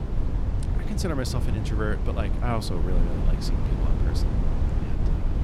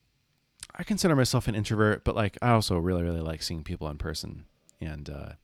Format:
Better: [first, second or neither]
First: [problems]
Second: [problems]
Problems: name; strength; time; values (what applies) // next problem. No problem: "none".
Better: second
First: wind noise on the microphone; heavy; 4 dB below the speech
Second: none